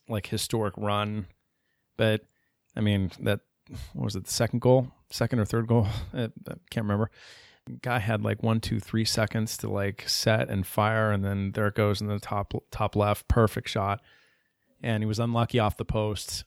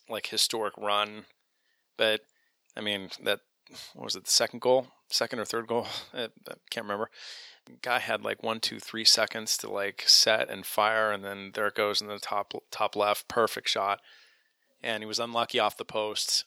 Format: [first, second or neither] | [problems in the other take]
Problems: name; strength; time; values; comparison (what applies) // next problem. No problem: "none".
first | thin; very; fading below 450 Hz